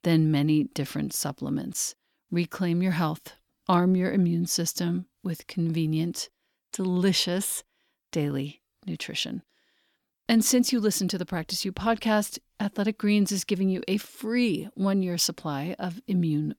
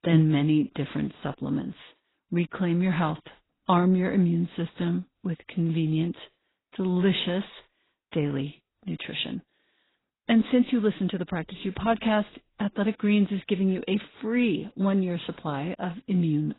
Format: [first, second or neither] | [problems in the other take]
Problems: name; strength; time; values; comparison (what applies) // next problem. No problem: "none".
first | garbled, watery; badly; nothing above 4 kHz